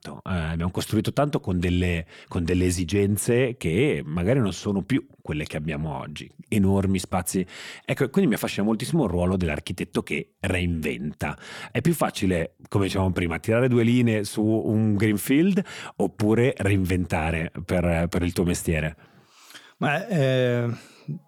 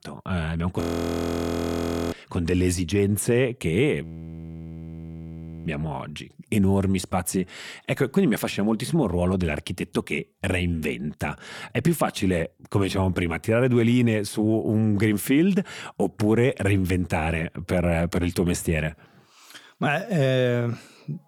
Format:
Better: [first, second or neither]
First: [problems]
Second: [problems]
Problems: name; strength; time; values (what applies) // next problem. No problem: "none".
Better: first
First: none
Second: audio freezing; at 1 s for 1.5 s and at 4 s for 1.5 s